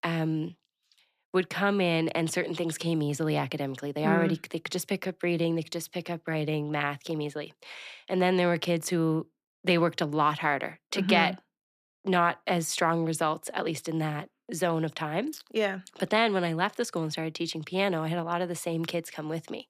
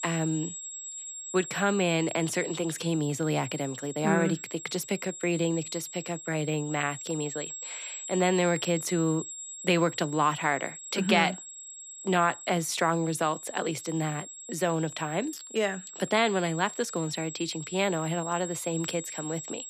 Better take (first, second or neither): first